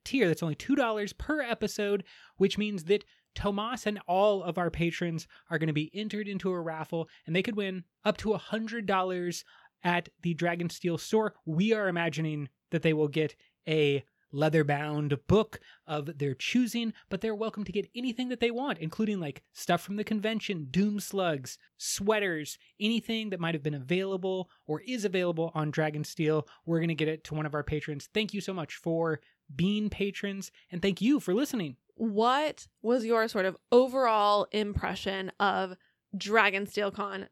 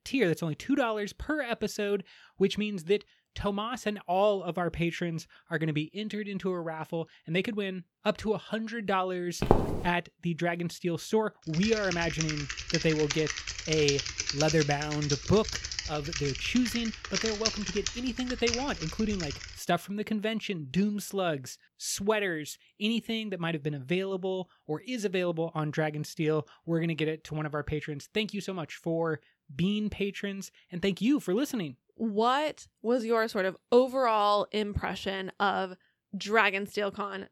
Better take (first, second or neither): first